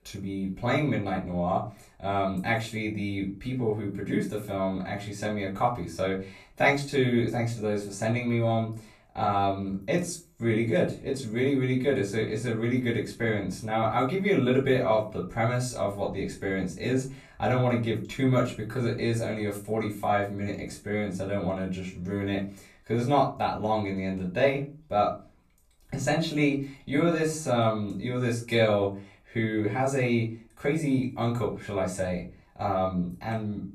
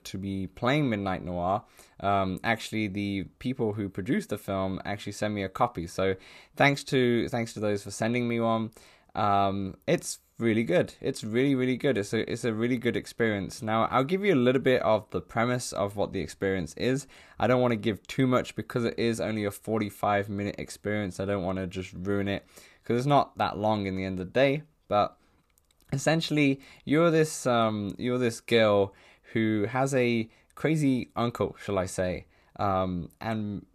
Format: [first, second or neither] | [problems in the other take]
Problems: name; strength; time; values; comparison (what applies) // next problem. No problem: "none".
second | room echo; slight; dies away in 0.3 s // off-mic speech; far